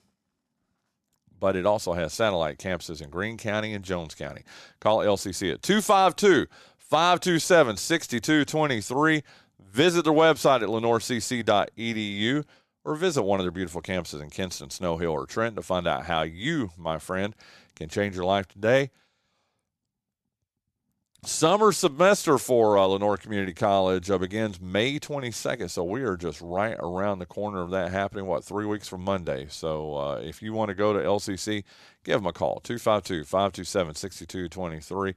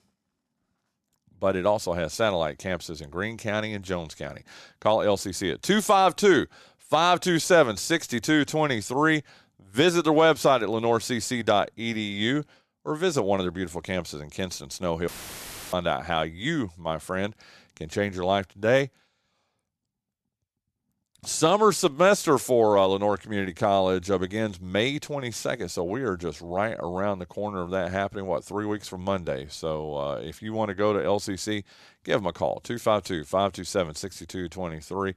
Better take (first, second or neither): first